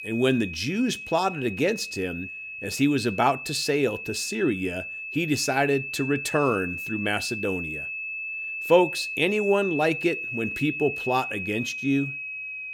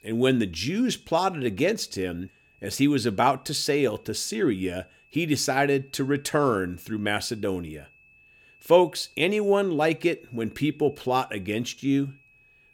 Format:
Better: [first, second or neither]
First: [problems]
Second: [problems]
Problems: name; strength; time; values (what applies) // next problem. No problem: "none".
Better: second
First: high-pitched whine; loud; throughout; 2.5 kHz, 6 dB below the speech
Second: high-pitched whine; faint; throughout; 2.5 kHz, 30 dB below the speech